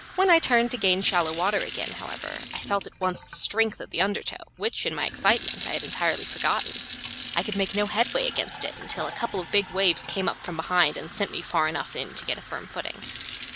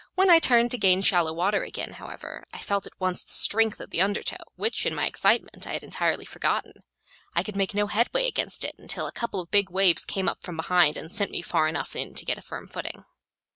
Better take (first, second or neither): second